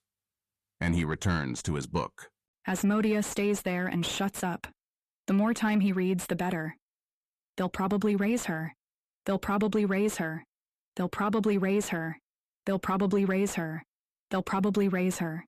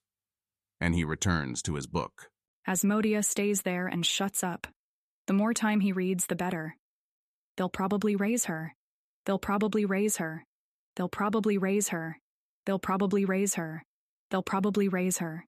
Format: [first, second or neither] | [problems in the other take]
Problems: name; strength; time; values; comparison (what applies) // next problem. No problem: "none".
second | distortion; slight; 10 dB below the speech